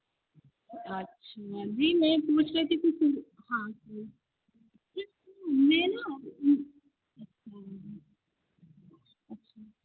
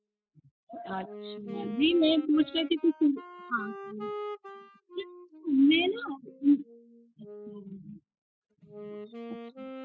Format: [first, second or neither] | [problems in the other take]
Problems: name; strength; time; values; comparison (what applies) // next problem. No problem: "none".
first | noise reduction (classical method spectral subtraction)